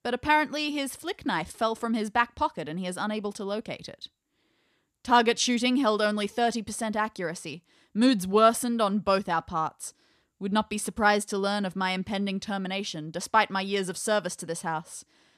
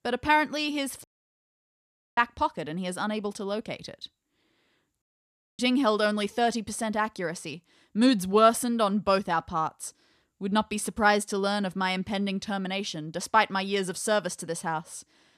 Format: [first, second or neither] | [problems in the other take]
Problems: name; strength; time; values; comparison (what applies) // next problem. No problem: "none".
first | audio cutting out; at 1 s for 1 s and at 5 s for 0.5 s